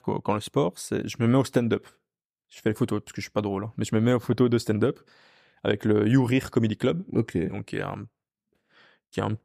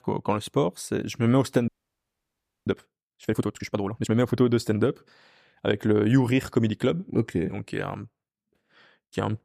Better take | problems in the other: first | audio freezing; at 1.5 s for 1 s

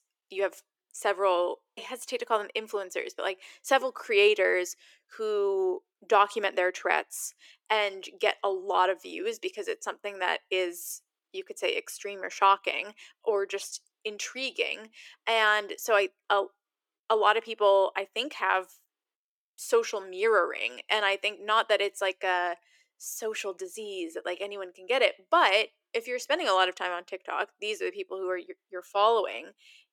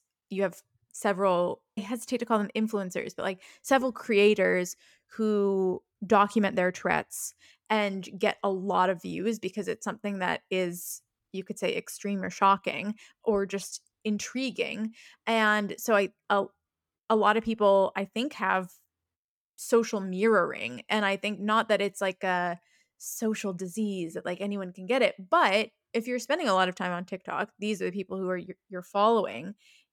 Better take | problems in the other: second | thin; very; fading below 350 Hz

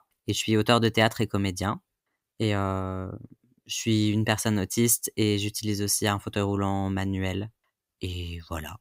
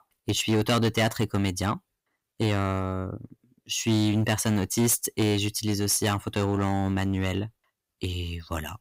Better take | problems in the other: first | distortion; slight; 6% of the sound clipped

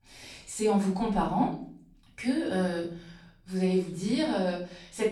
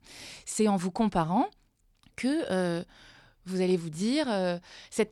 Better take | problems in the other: second | off-mic speech; far // room echo; slight; dies away in 0.5 s

